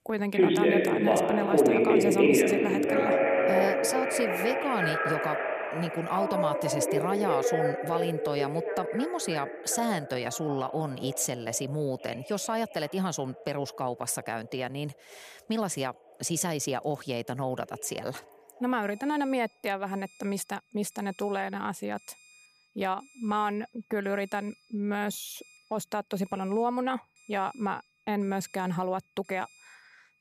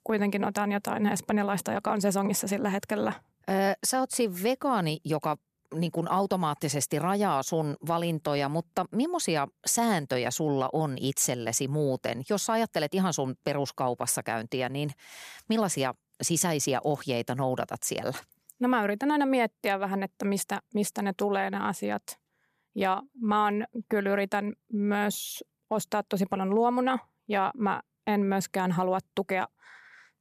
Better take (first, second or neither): second